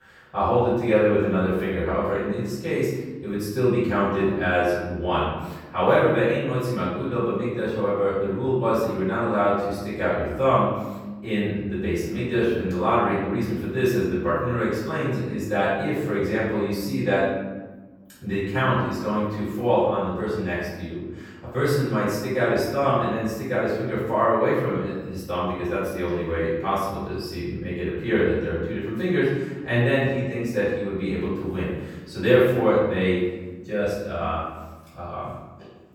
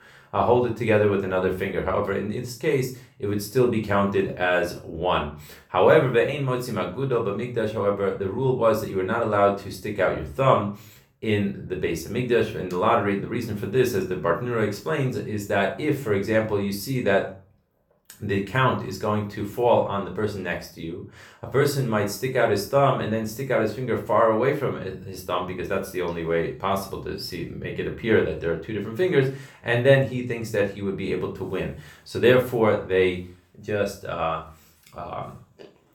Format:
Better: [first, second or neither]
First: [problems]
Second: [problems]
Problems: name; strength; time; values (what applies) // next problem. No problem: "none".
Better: second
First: room echo; strong; dies away in 1.3 s // off-mic speech; far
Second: room echo; slight; dies away in 0.3 s // off-mic speech; somewhat distant